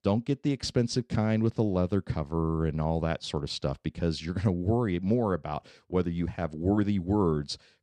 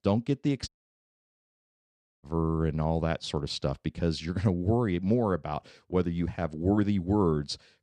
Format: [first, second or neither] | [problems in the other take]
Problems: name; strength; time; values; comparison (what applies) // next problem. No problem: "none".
first | audio cutting out; at 0.5 s for 1.5 s